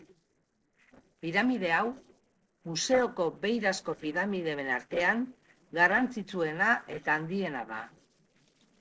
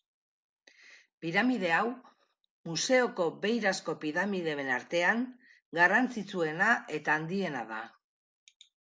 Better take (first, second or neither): second